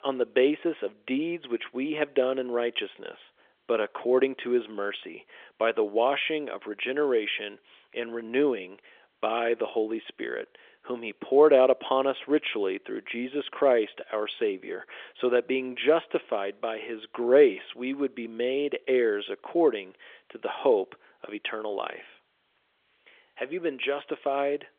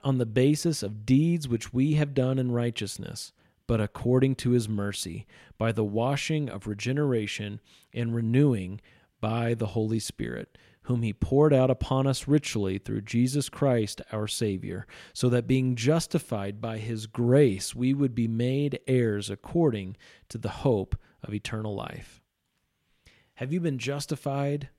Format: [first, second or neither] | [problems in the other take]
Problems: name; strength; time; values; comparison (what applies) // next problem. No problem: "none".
second | phone-call audio; nothing above 3.5 kHz